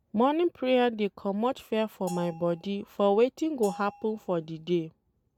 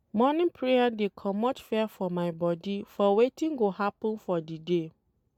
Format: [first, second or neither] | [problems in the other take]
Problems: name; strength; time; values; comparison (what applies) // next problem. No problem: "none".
second | background sound (Bell); 18 dB below the speech